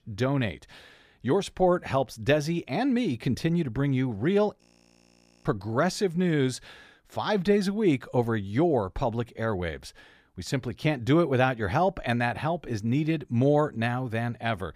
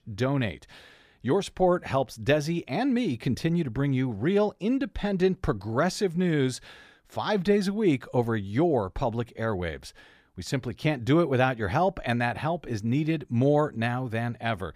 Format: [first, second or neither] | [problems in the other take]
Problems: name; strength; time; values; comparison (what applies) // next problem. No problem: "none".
second | audio freezing; at 4.5 s for 1 s